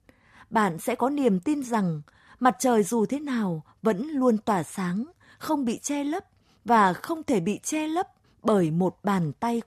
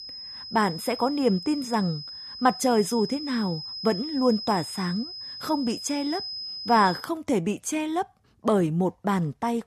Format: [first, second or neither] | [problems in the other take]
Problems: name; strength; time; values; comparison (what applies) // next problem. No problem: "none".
first | high-pitched whine; loud; until 7 s; 5 kHz, 9 dB below the speech